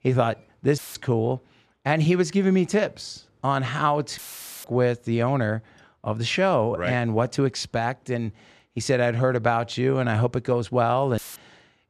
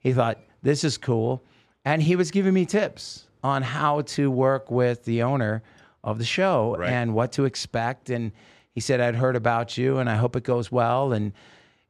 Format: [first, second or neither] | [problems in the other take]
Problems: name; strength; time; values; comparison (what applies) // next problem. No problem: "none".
second | audio cutting out; filled with static; at 1 s, at 4 s and at 11 s